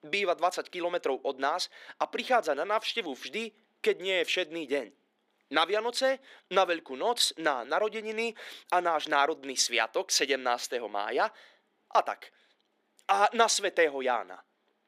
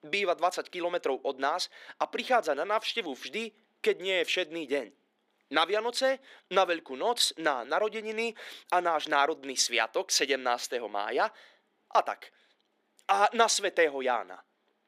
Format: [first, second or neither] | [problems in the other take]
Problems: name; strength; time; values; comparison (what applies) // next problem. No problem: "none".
neither | thin; somewhat; fading below 300 Hz; the same in both